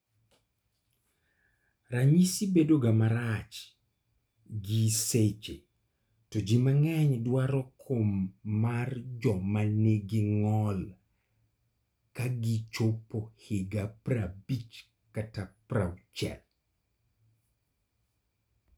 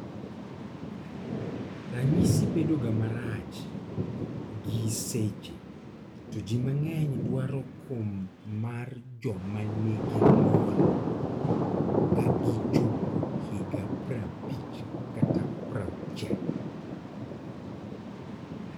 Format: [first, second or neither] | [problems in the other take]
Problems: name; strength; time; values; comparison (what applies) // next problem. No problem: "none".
first | background sound (Thunder); 4 dB above the speech